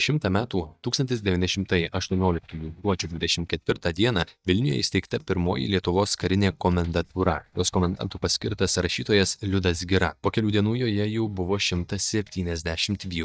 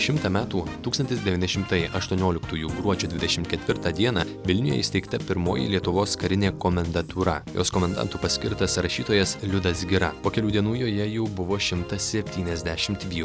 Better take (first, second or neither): second